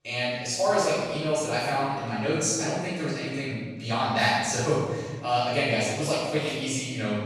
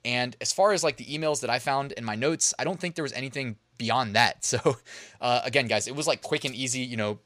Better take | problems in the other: second | room echo; strong; dies away in 1.5 s // off-mic speech; far

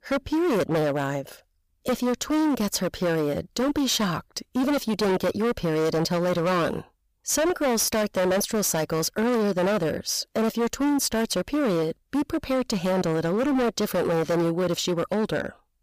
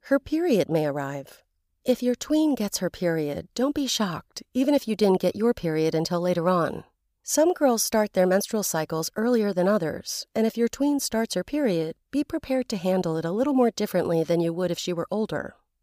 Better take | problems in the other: second | distortion; heavy; 24% of the sound clipped

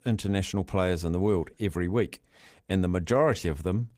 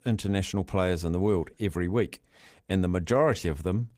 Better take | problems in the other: neither | garbled, watery; slightly; nothing above 15.5 kHz; the same in both

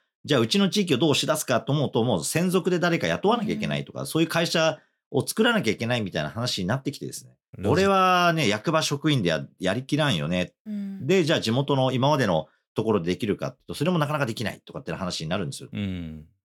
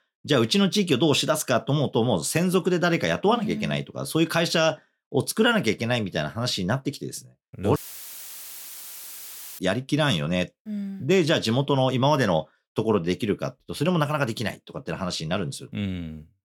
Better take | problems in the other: first | audio cutting out; filled with static; at 8 s for 2 s

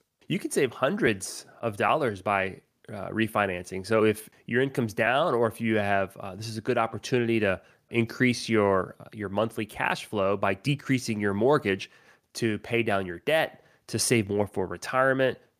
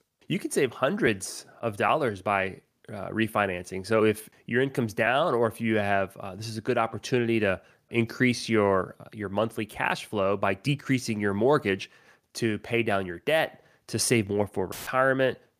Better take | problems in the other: first | audio cutting out; filled with static; at 15 s

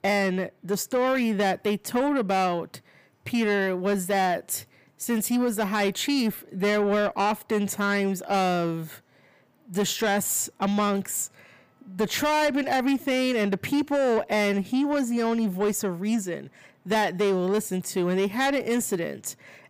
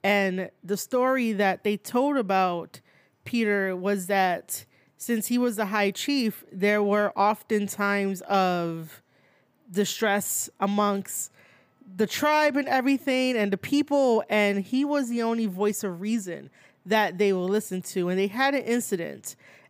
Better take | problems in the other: second | distortion; slight; 10 dB below the speech

